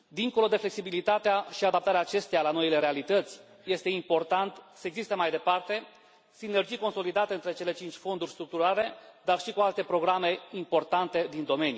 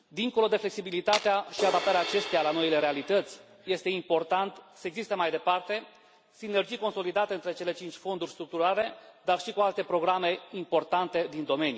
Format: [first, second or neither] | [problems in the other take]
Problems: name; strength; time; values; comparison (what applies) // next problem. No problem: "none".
first | background sound (Crash cymbal + Tools); 7 dB below the speech